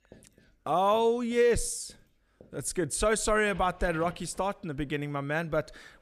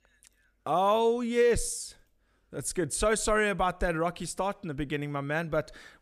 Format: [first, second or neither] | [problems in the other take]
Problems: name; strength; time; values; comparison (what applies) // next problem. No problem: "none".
second | household noises; faint; throughout; 25 dB below the speech